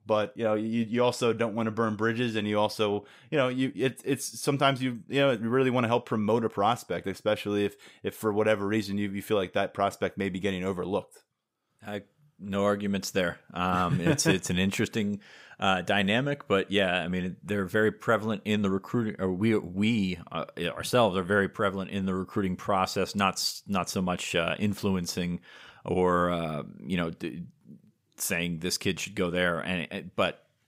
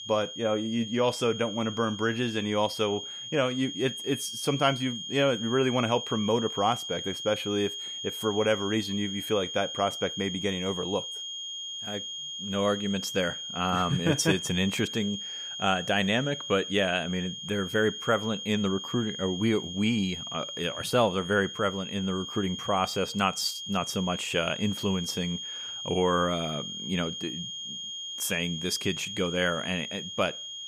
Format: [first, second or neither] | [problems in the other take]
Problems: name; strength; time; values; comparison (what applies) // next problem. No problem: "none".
first | high-pitched whine; loud; throughout; 3 kHz, 6 dB below the speech